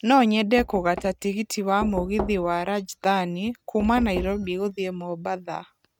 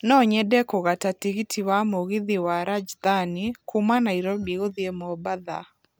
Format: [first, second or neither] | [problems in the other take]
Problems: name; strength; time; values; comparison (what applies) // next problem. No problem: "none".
second | noise reduction (neural mask model RNNoise)